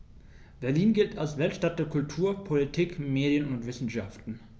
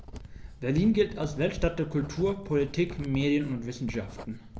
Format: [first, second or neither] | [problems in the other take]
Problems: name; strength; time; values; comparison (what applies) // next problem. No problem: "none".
first | background sound (Writing); 12 dB below the speech